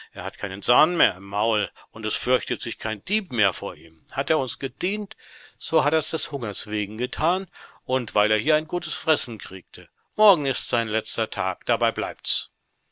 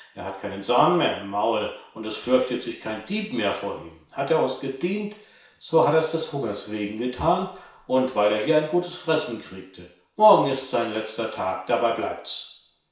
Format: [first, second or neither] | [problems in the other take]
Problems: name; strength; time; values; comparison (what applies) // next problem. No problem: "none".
first | room echo; dies away in 0.6 s